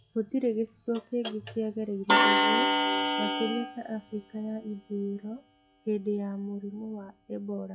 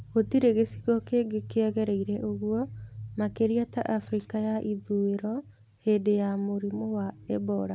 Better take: second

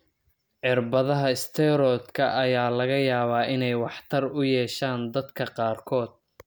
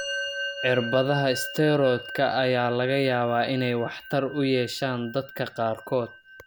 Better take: first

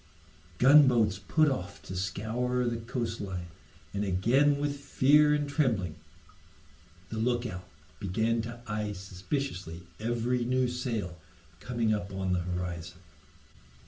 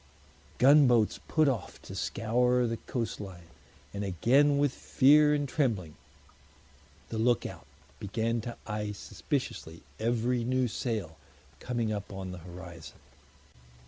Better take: second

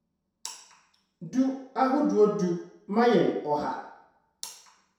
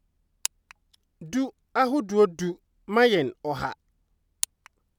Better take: second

